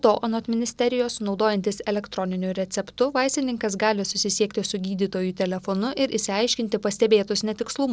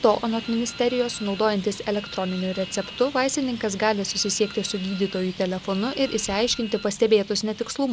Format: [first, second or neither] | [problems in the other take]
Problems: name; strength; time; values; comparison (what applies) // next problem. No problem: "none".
first | background sound (Drip + Traffic noise, roadway noise); 15 dB below the speech